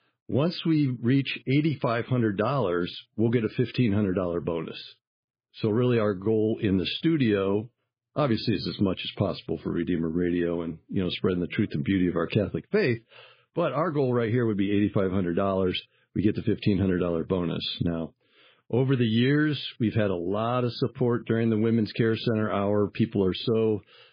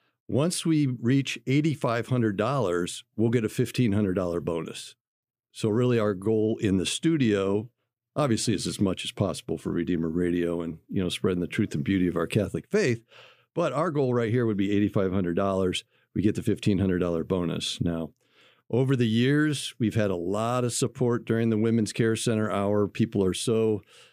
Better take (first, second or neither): second